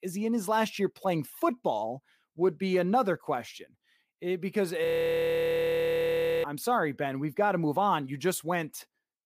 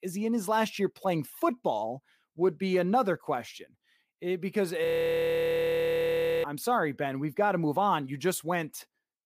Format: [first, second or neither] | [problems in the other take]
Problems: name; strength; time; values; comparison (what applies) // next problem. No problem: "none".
neither | audio freezing; at 5 s for 1.5 s; the same in both